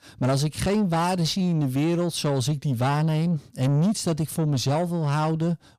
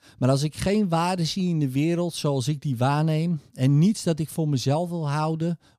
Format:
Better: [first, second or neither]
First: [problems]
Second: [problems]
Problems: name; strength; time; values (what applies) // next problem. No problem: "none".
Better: second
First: distortion; slight; 10 dB below the speech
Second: none